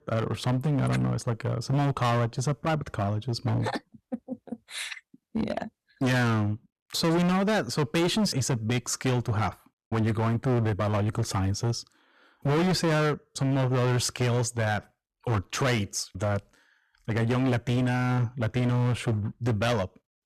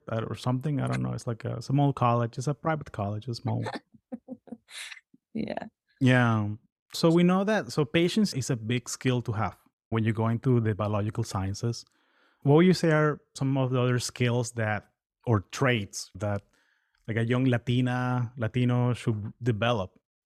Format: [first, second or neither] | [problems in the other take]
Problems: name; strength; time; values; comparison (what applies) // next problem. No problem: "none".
second | distortion; heavy; 19% of the sound clipped